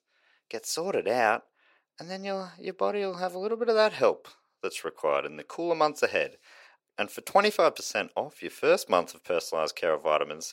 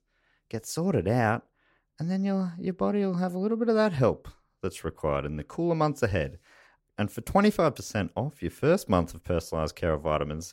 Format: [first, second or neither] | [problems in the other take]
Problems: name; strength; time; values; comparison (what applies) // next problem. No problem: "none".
second | thin; very; fading below 500 Hz